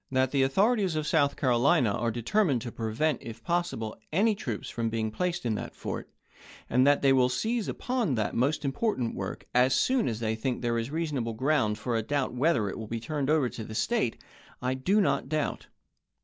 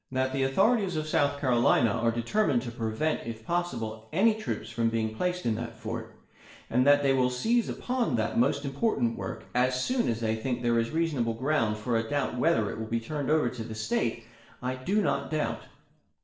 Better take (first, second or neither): first